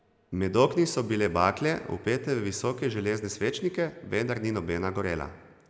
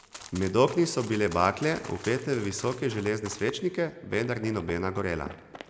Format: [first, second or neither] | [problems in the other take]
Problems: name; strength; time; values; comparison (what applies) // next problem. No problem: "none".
first | background sound (Run); 18 dB below the speech